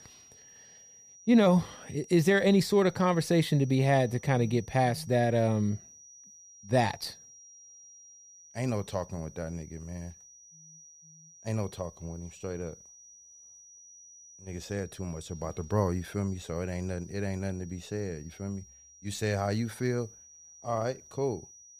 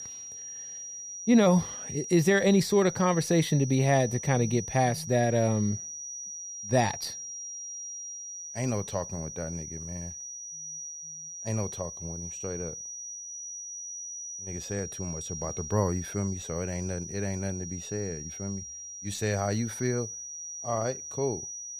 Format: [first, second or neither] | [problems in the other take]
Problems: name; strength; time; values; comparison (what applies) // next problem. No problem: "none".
first | high-pitched whine; loud; throughout; 6 kHz, 9 dB below the speech; faint in the first